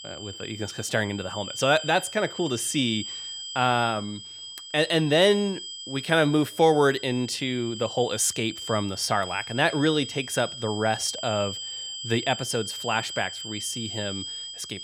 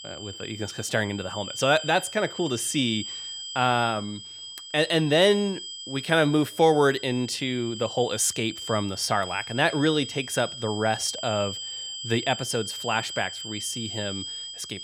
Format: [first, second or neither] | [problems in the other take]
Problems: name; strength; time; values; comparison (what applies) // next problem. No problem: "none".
neither | high-pitched whine; loud; throughout; 3 kHz, 10 dB below the speech; the same in both